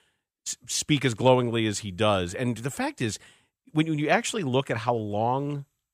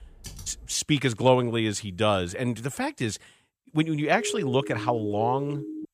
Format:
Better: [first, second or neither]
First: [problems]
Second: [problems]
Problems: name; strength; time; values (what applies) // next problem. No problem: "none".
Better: first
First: none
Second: keyboard typing; faint; at the start; peak 15 dB below the speech // siren; noticeable; from 4 s on; peak 6 dB below the speech